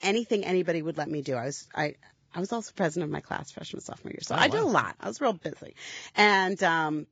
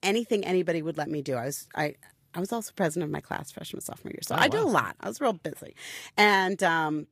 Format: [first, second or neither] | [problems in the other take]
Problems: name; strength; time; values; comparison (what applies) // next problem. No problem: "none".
second | garbled, watery; badly; nothing above 7.5 kHz; slightly in the second